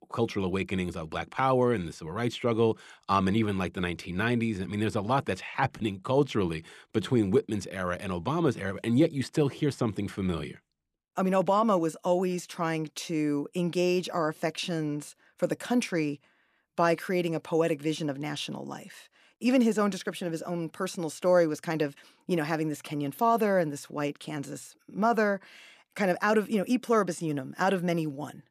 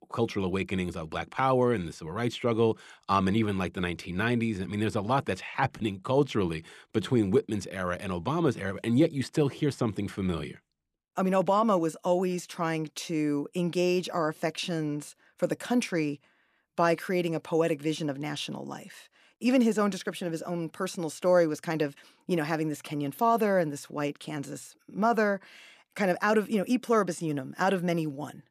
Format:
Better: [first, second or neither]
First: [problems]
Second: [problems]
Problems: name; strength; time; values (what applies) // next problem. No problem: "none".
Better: neither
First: none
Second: none